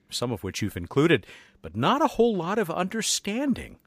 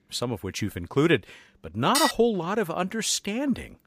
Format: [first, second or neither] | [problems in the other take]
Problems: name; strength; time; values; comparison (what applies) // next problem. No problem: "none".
first | clattering dishes; loud; at 2 s; peak level with the speech